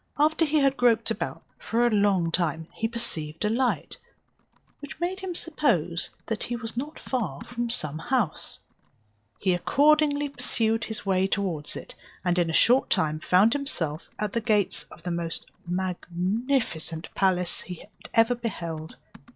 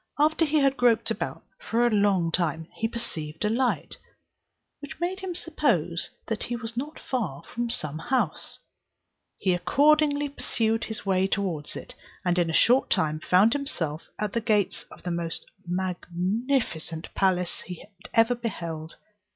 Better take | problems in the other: second | noise reduction (neural separator model SepFormer DNS4)

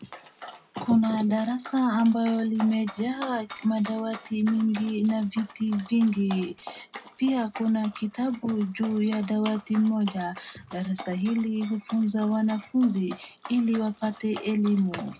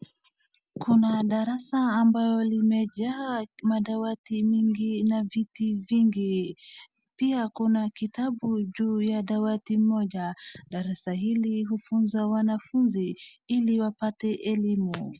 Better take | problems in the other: second | background sound (Dog); 18 dB below the speech // room echo; dies away in 0.2 s

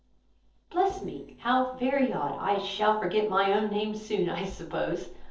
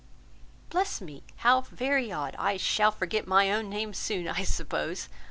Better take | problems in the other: second | noise reduction (neural separator model SepFormer DNS4)

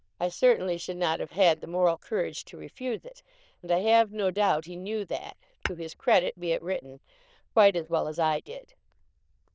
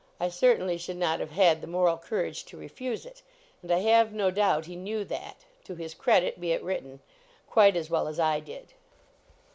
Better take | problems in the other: second | noise reduction (neural diffusion model UNIVERSE++)

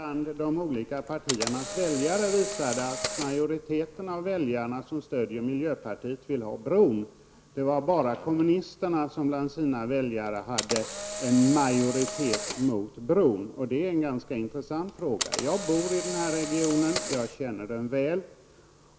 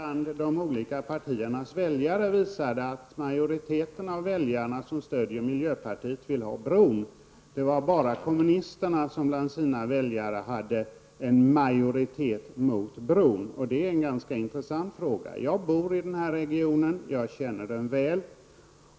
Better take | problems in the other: second | background sound (Camera); 8 dB below the speech

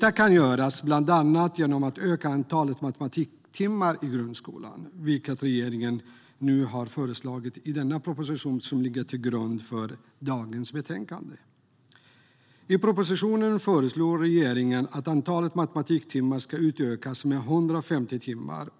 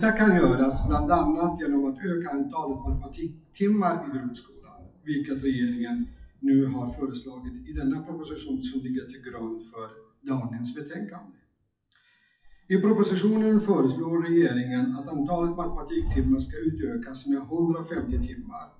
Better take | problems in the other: first | noise reduction (classical method WPE with log-MMSE)

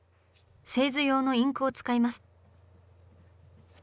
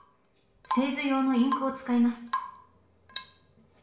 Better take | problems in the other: first | background sound (Drip / Water tap, faucet / Rain); 9 dB below the speech // room echo; dies away in 0.6 s

